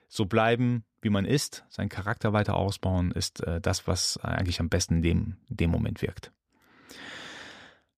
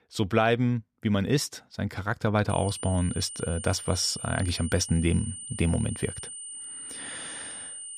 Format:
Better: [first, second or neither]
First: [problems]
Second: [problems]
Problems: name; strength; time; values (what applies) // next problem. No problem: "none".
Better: first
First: none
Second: high-pitched whine; loud; from 2.5 s on; 9 kHz, 9 dB below the speech